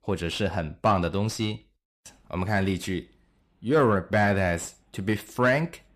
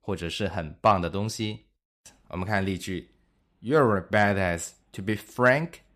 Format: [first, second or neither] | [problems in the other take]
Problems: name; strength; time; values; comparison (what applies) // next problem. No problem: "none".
second | distortion; slight; 10 dB below the speech